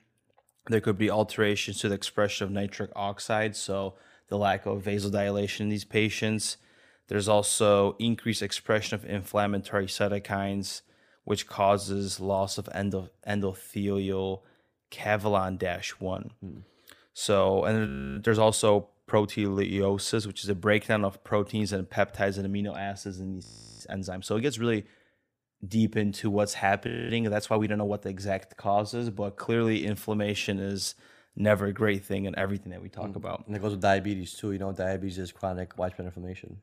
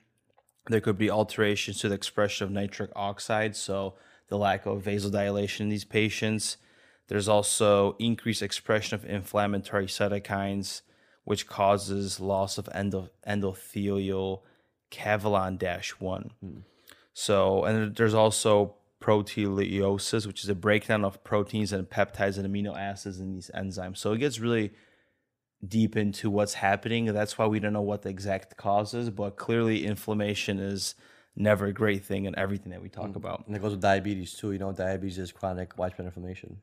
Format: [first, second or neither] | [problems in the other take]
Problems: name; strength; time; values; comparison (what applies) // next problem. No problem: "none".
second | audio freezing; at 18 s, at 23 s and at 27 s